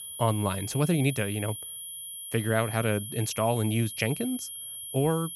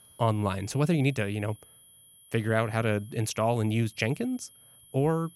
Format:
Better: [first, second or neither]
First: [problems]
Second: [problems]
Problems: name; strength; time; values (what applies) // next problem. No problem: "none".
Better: second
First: high-pitched whine; loud; throughout; 10 kHz, 8 dB below the speech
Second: high-pitched whine; faint; throughout; 10 kHz, 25 dB below the speech